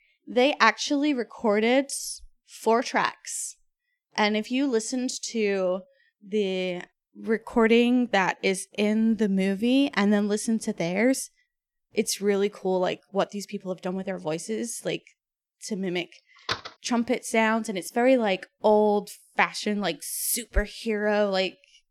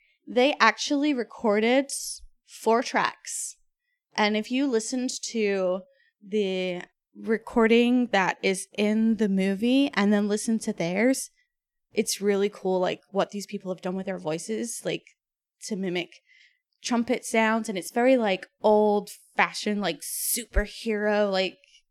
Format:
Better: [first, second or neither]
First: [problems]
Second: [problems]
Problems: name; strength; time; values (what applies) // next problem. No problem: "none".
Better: second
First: door banging; noticeable; at 16 s; peak 6 dB below the speech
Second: none